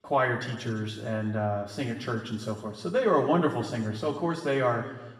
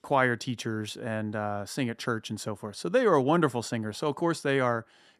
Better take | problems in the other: second | room echo; noticeable; dies away in 1.1 s // off-mic speech; far

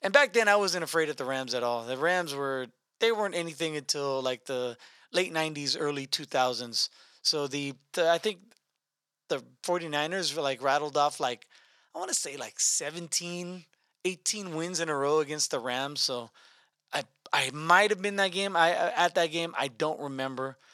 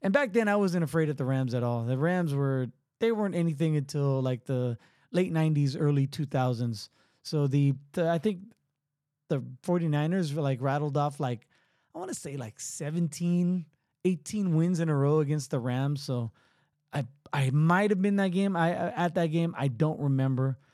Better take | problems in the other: second | thin; very; fading below 550 Hz

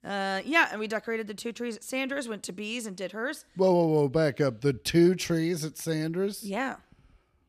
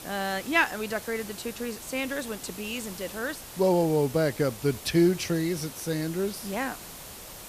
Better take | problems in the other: first | hiss; noticeable; throughout; 15 dB below the speech

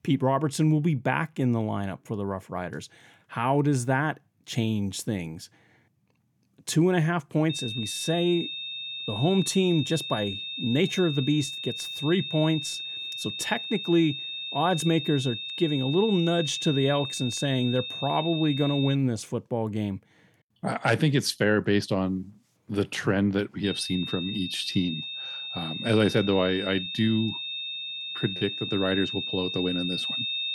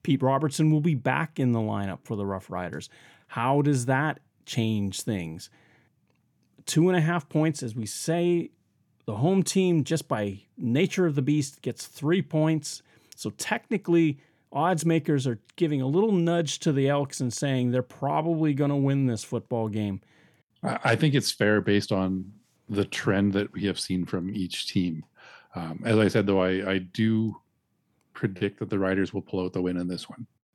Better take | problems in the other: second | high-pitched whine; loud; from 7.5 to 19 s and from 24 s on; 3.5 kHz, 5 dB below the speech

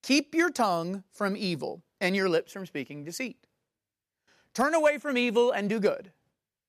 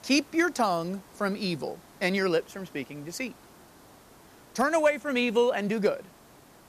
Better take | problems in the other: first | hiss; faint; throughout; 25 dB below the speech

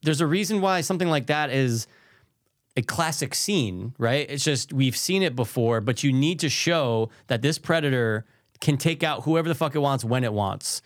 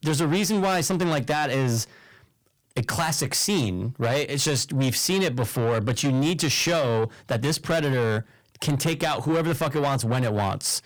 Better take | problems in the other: first | distortion; heavy; 7 dB below the speech

